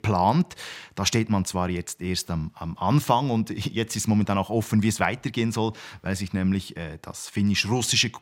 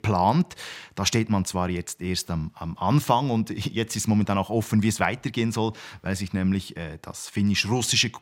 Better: neither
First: none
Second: none

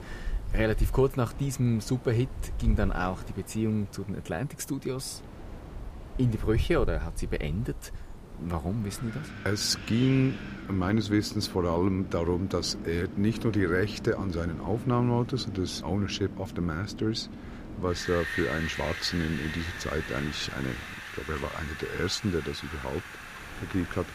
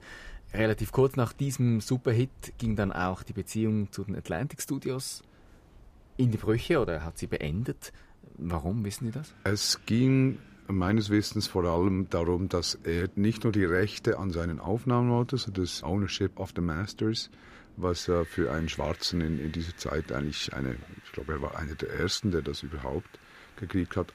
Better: second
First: wind in the background; loud; throughout; 9 dB below the speech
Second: wind in the background; faint; throughout; 25 dB below the speech

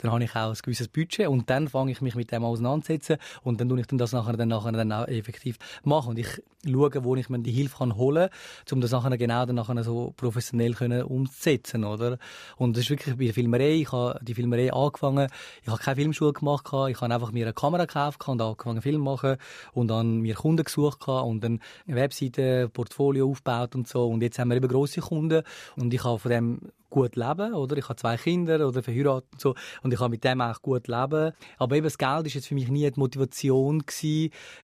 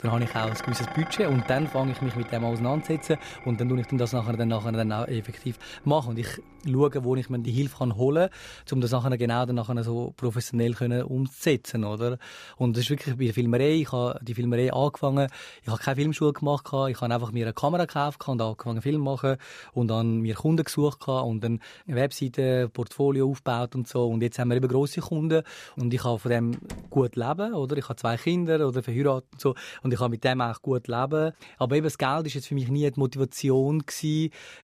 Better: first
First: none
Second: clattering dishes; noticeable; until 8.5 s; peak 8 dB below the speech // door banging; faint; at 27 s; peak 15 dB below the speech

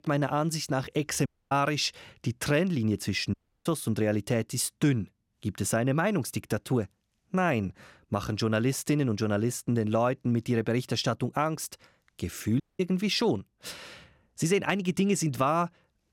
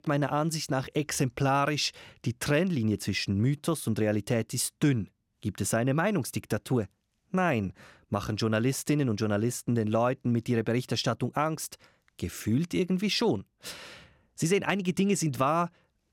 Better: second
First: audio cutting out; at 1.5 s, at 3.5 s and at 13 s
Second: none

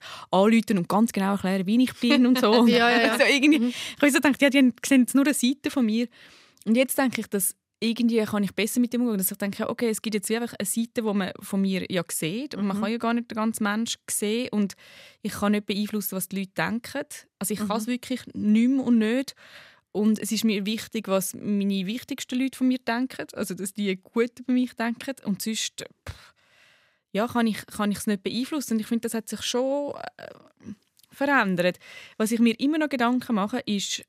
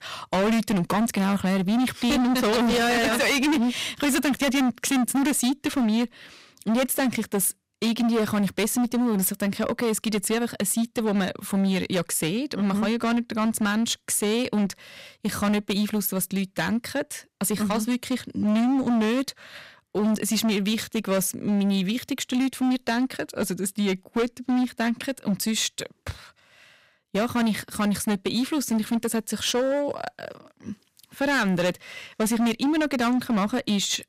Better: first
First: none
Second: distortion; heavy; 19% of the sound clipped

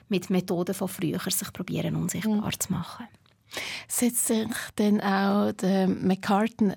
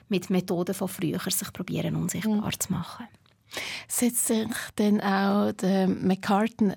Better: neither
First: none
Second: none

